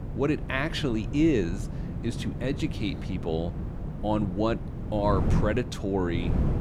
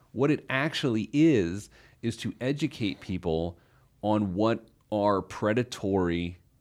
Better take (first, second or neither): second